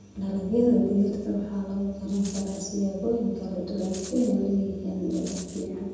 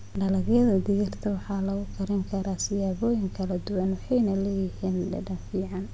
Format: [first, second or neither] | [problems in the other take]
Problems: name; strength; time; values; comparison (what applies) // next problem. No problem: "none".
second | background sound (Rattle); 17 dB below the speech // room echo; dies away in 1.1 s